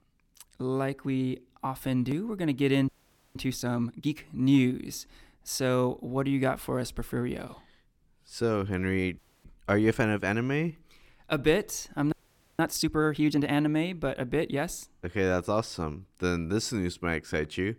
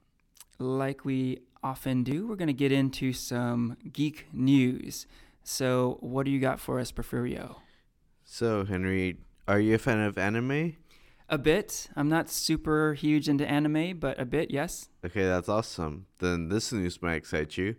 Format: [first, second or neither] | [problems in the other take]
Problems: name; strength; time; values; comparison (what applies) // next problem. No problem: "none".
second | audio freezing; at 3 s, at 9 s and at 12 s